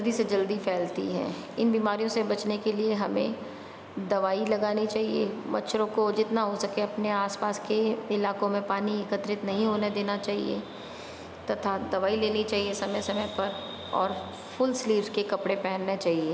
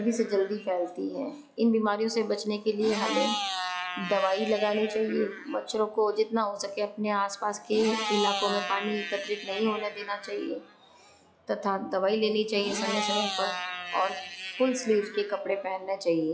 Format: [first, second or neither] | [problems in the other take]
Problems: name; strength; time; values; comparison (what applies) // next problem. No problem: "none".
first | noise reduction (classical method log-MMSE)